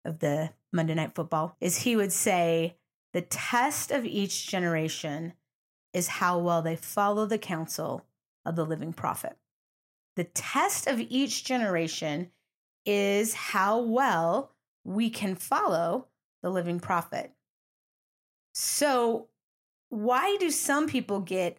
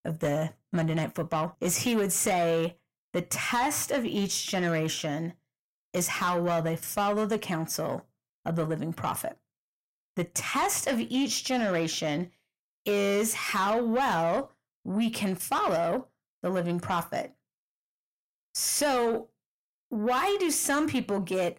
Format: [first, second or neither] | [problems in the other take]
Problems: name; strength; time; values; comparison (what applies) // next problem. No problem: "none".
first | distortion; slight; 10 dB below the speech